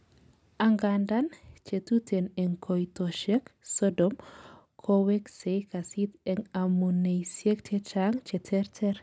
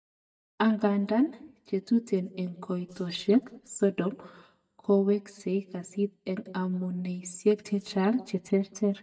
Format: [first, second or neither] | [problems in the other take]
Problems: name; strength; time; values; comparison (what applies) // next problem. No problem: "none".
first | noise reduction (neural mask model DeepFilterNet 3)